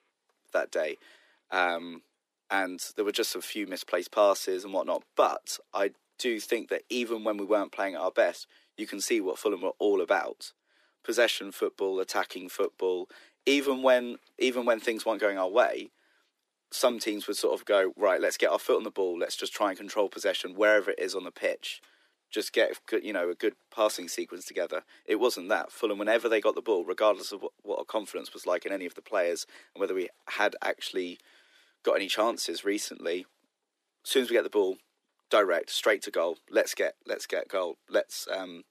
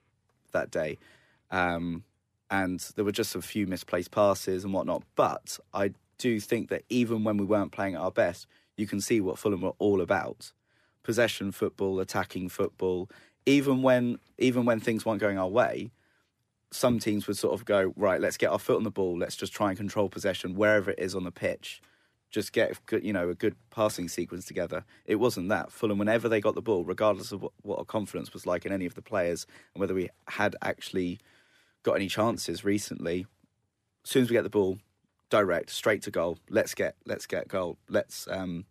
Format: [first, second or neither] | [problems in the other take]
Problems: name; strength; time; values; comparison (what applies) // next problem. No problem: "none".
second | thin; somewhat; fading below 350 Hz